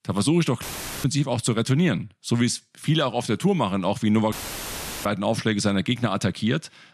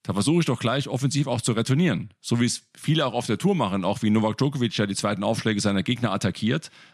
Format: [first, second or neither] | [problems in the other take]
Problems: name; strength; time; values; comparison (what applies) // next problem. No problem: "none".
second | audio cutting out; filled with static; at 0.5 s and at 4.5 s for 0.5 s